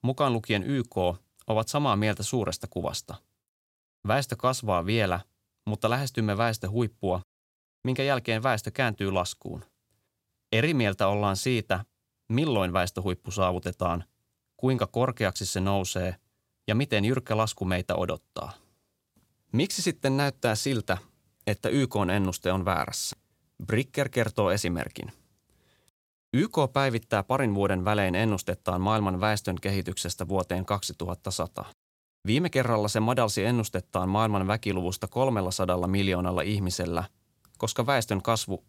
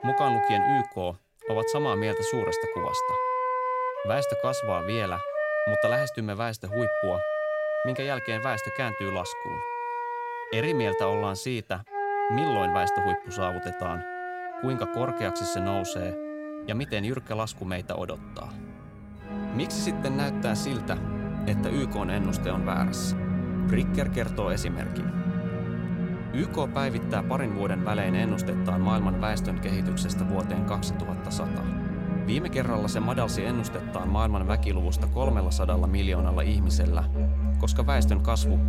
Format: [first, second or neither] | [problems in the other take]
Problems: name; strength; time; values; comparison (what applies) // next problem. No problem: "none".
first | background music; very loud; throughout; 3 dB above the speech